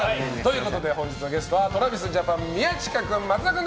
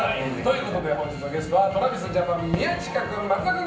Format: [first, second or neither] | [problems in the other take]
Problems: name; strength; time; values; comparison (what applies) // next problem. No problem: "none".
first | background sound (Fireworks); 18 dB below the speech // room echo; dies away in 0.6 s